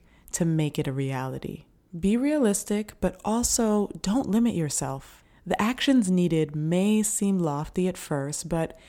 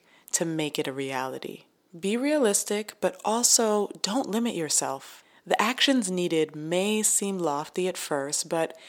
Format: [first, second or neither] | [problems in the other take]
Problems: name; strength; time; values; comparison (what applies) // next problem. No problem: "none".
first | thin; somewhat; fading below 350 Hz